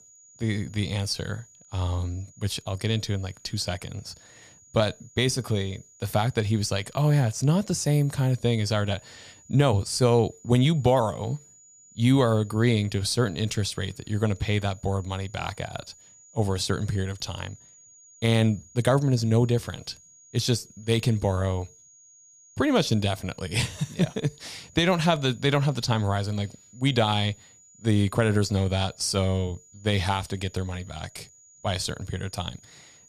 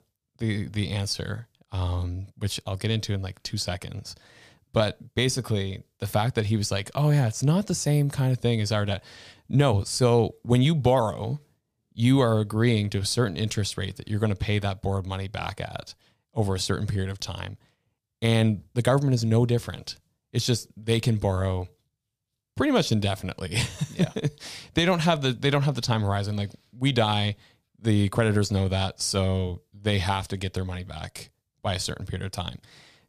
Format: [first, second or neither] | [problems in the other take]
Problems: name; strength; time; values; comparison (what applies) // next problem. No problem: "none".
second | high-pitched whine; faint; throughout; 7 kHz, 25 dB below the speech